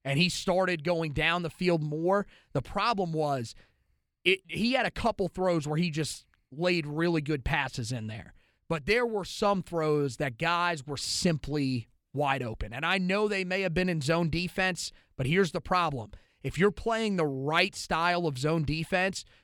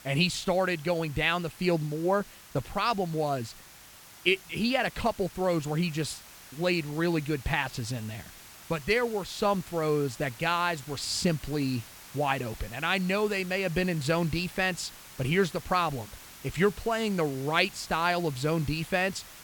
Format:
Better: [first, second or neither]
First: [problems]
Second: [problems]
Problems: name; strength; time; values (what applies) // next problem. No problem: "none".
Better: first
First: none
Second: hiss; noticeable; throughout; 20 dB below the speech